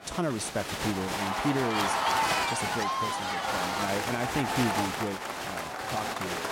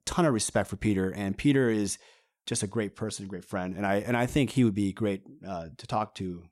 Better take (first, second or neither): second